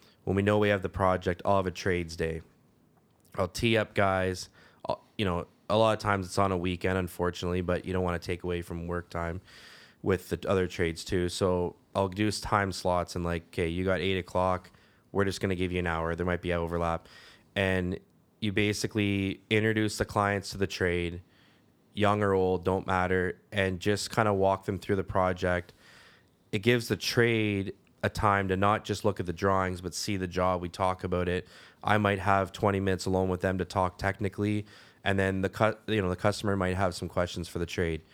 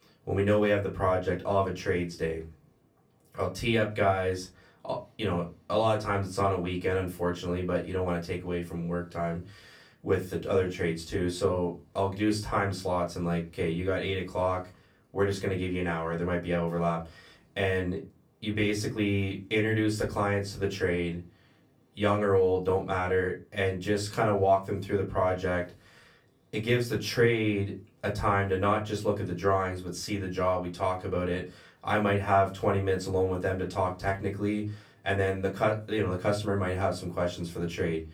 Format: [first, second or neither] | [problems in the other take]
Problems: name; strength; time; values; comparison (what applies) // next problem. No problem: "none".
first | off-mic speech; far // room echo; very slight; dies away in 0.2 s